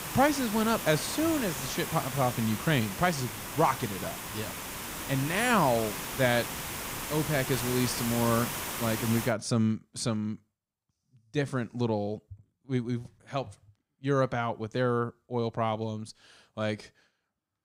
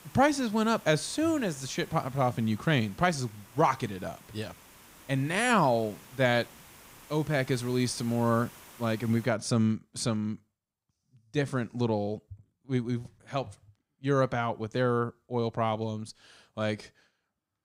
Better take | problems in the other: second | hiss; loud; until 9.5 s; 5 dB below the speech; faint in the second

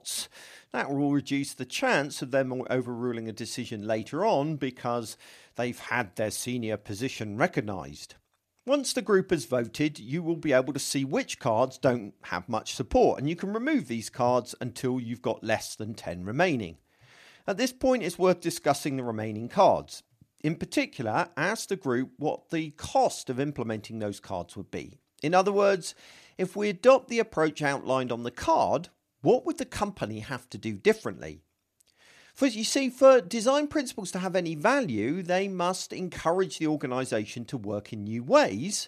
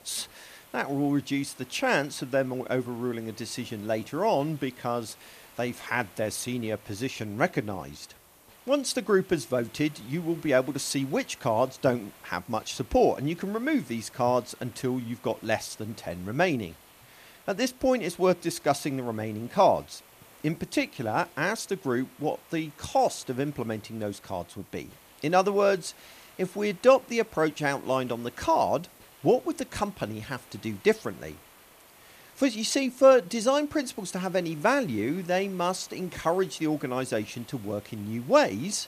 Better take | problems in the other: first | hiss; faint; throughout; 25 dB below the speech

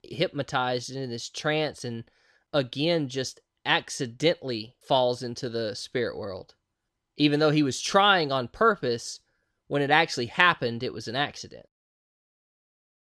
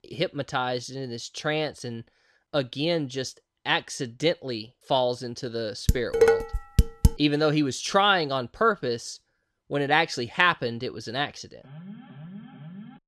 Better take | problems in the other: first | clattering dishes; loud; from 6 to 7 s; peak 5 dB above the speech // alarm; faint; from 12 s on; peak 15 dB below the speech

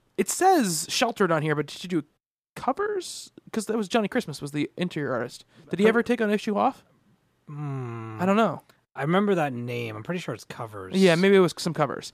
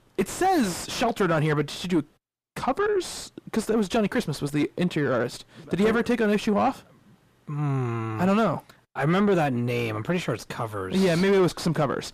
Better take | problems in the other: first | distortion; heavy; 6 dB below the speech

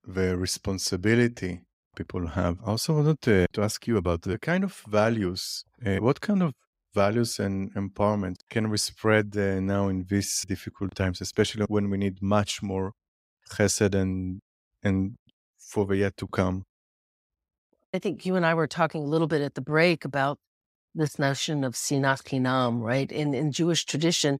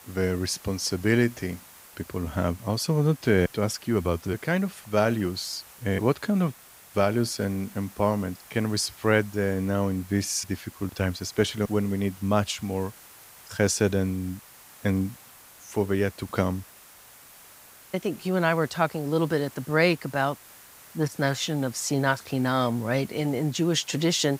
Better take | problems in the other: first | hiss; faint; throughout; 20 dB below the speech

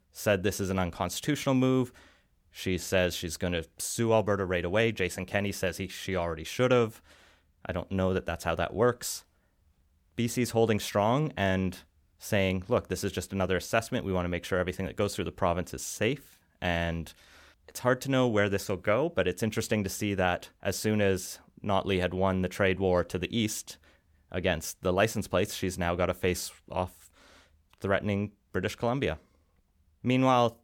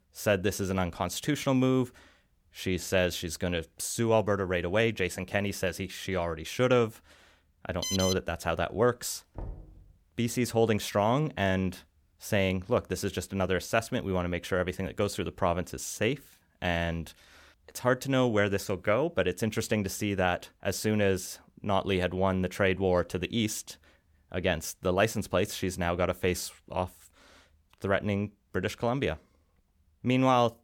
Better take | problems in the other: first | alarm; noticeable; at 8 s; peak 1 dB below the speech // door banging; faint; at 9.5 s; peak 15 dB below the speech

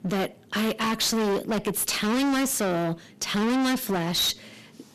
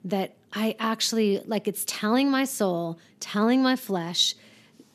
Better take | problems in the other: second | distortion; heavy; 32% of the sound clipped

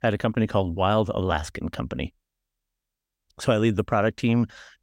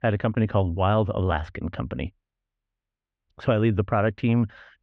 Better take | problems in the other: first | muffled; very; fading above 3 kHz

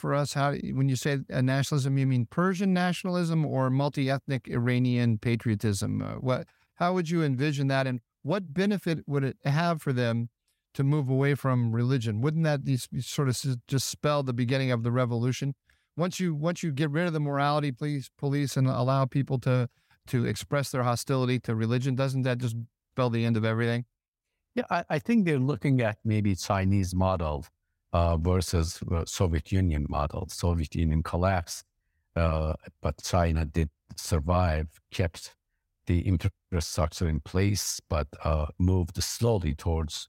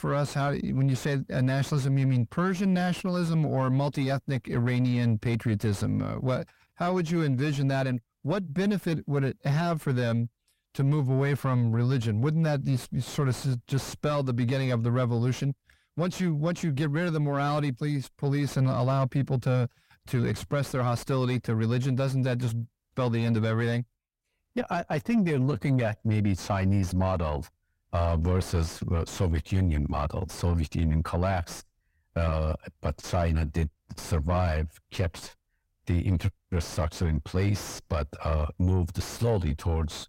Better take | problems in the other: first | distortion; slight; 10 dB below the speech

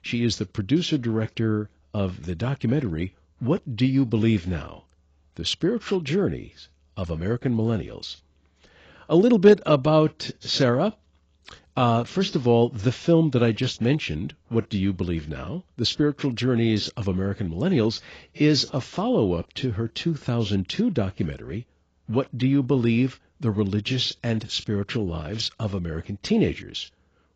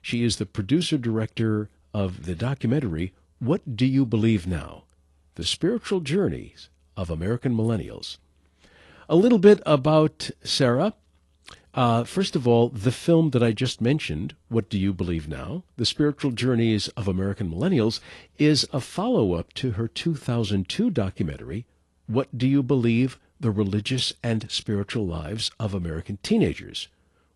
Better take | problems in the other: second | garbled, watery; badly; nothing above 7.5 kHz; slightly in the second

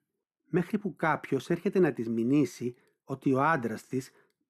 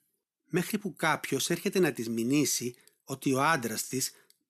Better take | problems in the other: second | muffled; very; fading above 2.5 kHz

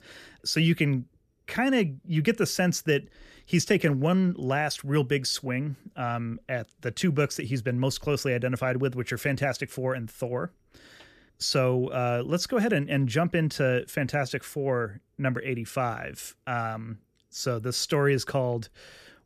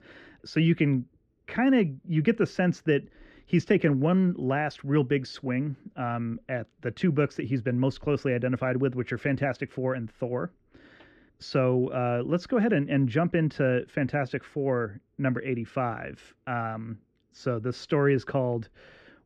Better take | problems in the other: first | muffled; slightly; fading above 2.5 kHz

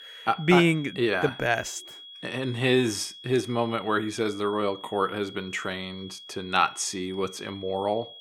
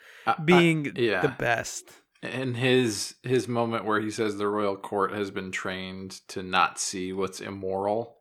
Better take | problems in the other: second | high-pitched whine; noticeable; throughout; 3.5 kHz, 15 dB below the speech

